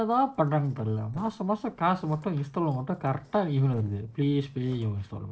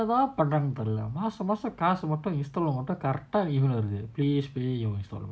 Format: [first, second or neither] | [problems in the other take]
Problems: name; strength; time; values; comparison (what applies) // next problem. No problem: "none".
second | noise reduction (neural separator model SepFormer DNS4)